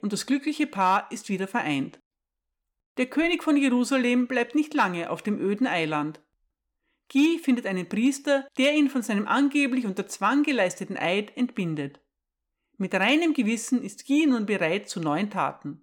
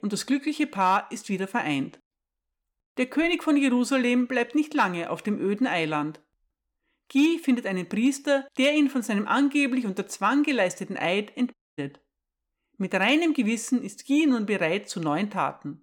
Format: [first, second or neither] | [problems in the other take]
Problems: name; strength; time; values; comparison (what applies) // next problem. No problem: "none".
first | audio cutting out; at 12 s